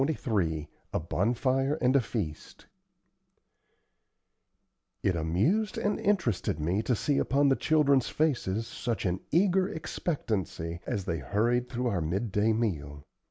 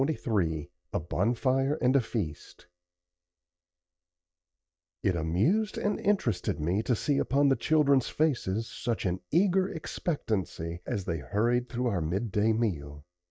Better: first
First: none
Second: noise reduction (neural mask model DeepFilterNet 3)

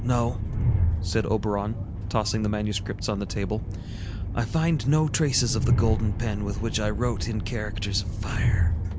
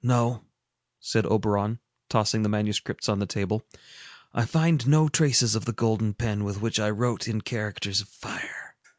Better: second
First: background sound (Train); as loud as the speech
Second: none

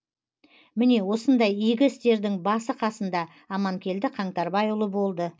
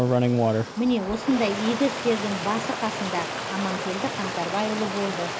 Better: first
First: none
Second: background sound (Stream); as loud as the speech

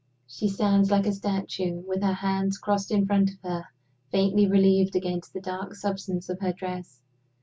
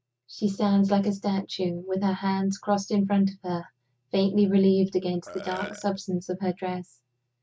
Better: first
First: none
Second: noise reduction (neural mask model RNNoise)

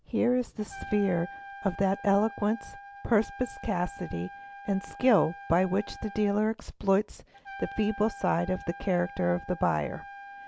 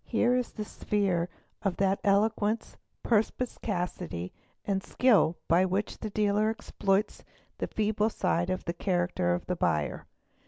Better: second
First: background sound (Trumpet); 16 dB below the speech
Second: none

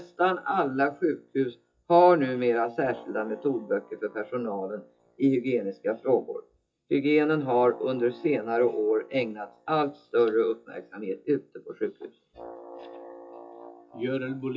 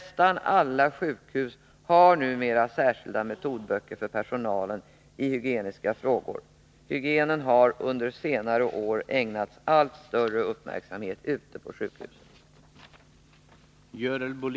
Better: second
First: noise reduction (classical method WPE with log-MMSE)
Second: none

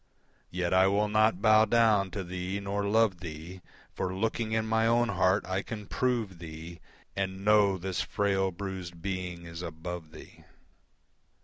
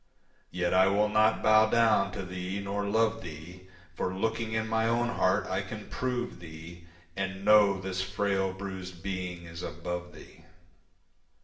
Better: first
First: none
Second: room echo; dies away in 1 s

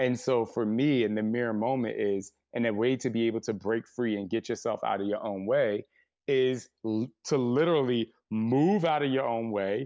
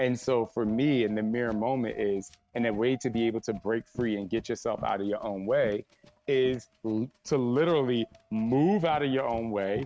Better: first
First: none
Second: noise reduction (neural mask model RNNoise)

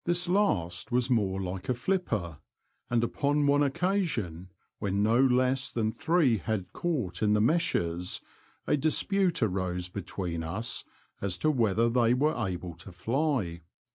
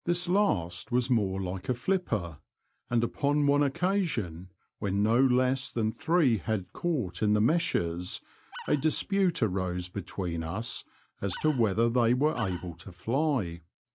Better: first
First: none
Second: background sound (Animal); 17 dB below the speech

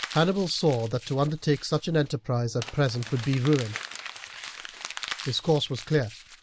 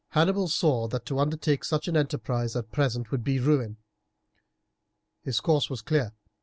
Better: second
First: background sound (Crumpling, crinkling); 14 dB below the speech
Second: none

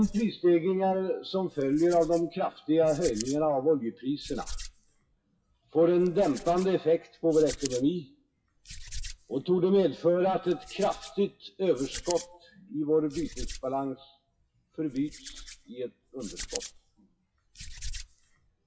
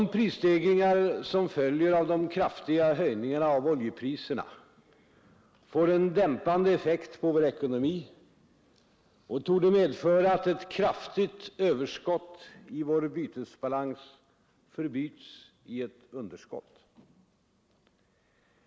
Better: second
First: noise reduction (classical method WPE with log-MMSE)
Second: none

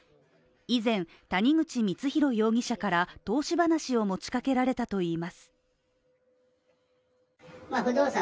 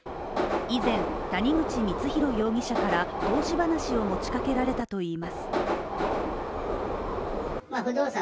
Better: first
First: none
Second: background sound (Subway, metro, underground); as loud as the speech

